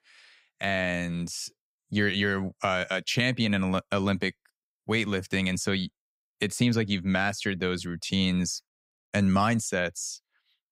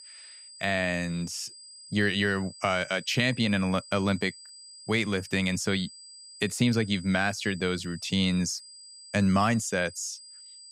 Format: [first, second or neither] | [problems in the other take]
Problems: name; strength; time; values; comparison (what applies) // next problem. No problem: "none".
first | high-pitched whine; noticeable; throughout; 5 kHz, 15 dB below the speech